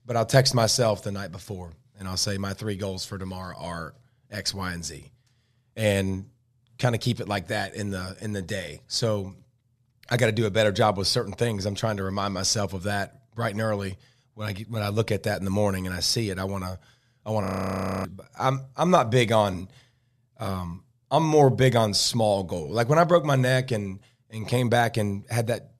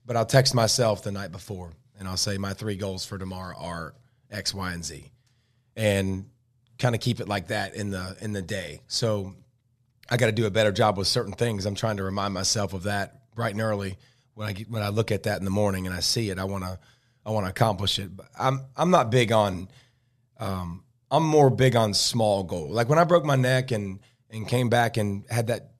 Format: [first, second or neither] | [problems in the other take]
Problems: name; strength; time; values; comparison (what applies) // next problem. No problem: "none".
second | audio freezing; at 17 s for 0.5 s